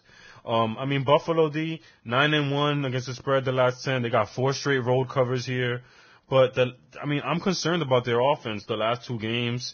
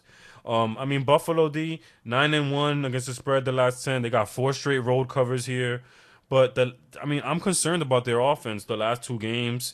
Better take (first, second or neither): second